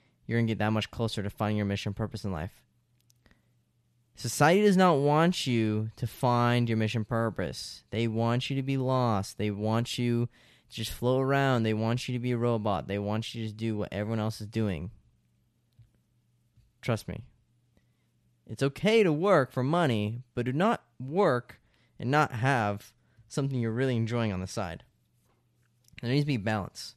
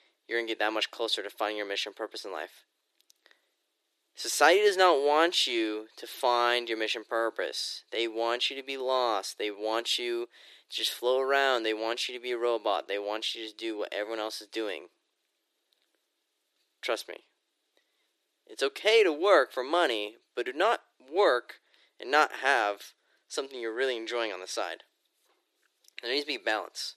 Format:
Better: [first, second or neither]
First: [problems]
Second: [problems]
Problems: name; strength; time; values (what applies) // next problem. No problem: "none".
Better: first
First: none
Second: thin; very; fading below 350 Hz